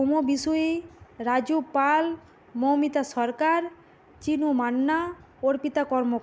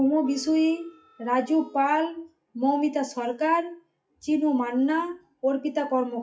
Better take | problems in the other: first | noise reduction (classical method WPE with log-MMSE)

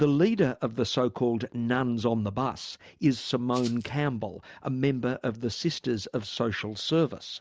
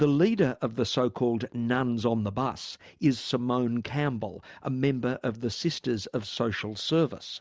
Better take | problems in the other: second | background sound (Rattle (instrument)); 18 dB below the speech

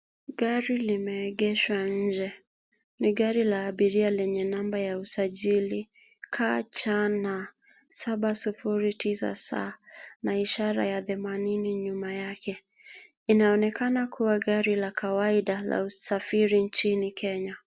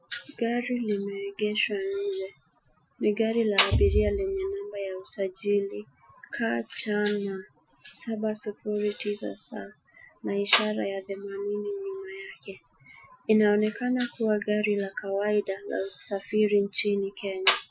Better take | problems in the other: first | noise reduction (classical method Wiener filter)

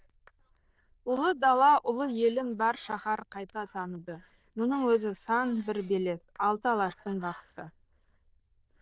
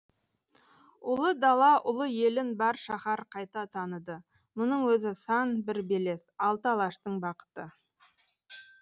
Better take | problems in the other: second | noise reduction (neural diffusion model UNIVERSE++)

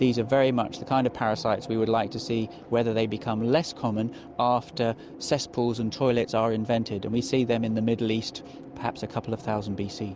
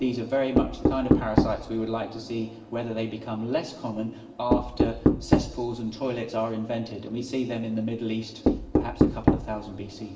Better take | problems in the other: first | background sound (Knock); 2 dB above the speech // room echo; dies away in 1 s

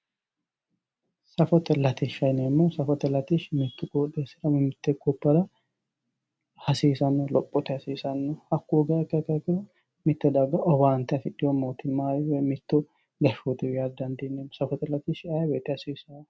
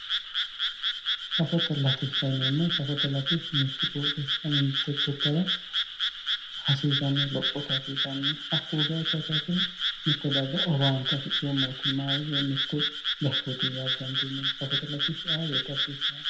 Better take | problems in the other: first | background sound (Frog); as loud as the speech // room echo; dies away in 0.5 s

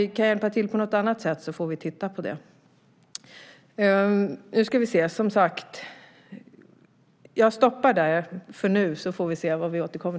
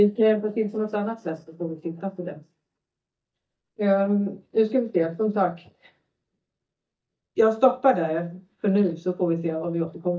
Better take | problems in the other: first | noise reduction (neural mask model DeepFilterNet 3)

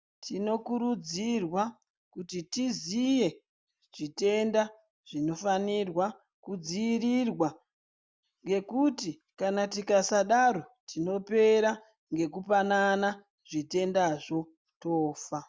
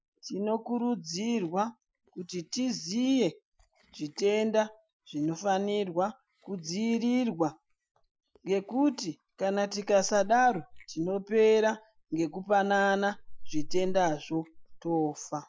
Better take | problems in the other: first | noise reduction (classical method Wiener filter)

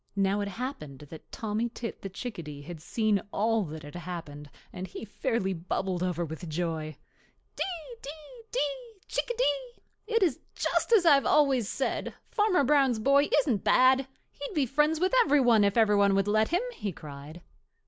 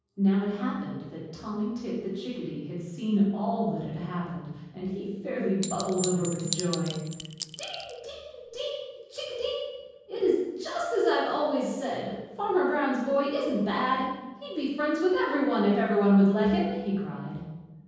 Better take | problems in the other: first | background sound (Chink, clink); 10 dB below the speech // room echo; dies away in 1.3 s

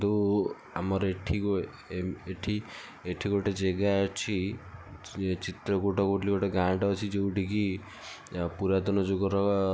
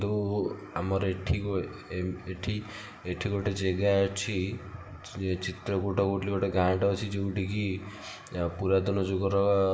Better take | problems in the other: first | room echo; dies away in 1 s

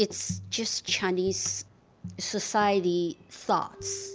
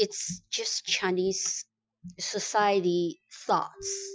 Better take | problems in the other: first | noise reduction (classical method Wiener filter)

